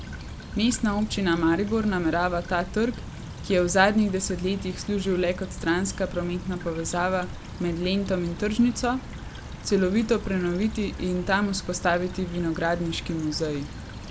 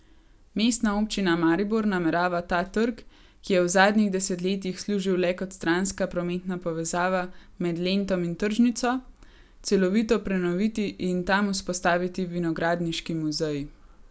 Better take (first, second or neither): second